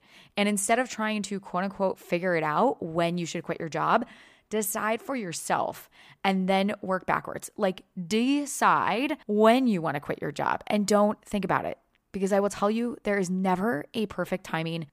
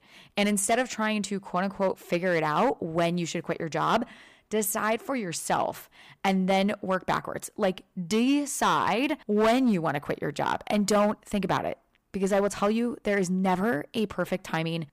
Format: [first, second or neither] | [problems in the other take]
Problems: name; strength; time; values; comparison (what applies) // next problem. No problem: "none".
first | distortion; slight; 4% of the sound clipped